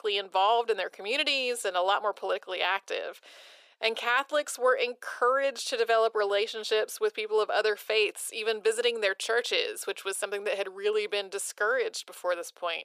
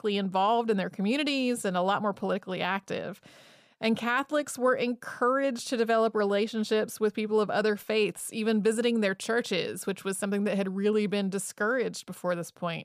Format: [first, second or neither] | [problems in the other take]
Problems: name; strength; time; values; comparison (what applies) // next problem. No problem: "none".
second | thin; very; fading below 400 Hz